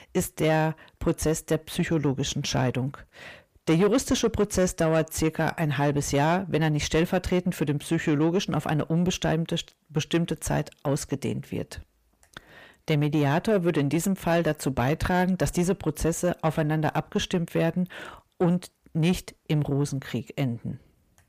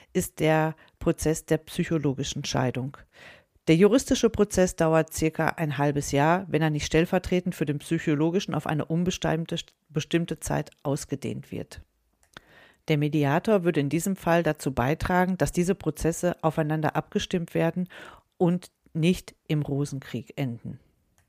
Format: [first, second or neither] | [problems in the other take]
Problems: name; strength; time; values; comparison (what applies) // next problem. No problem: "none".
second | distortion; slight; 10 dB below the speech